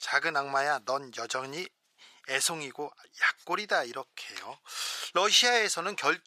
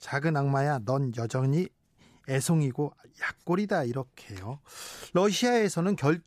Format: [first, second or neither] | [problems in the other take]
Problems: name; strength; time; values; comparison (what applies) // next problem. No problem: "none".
second | thin; very; fading below 650 Hz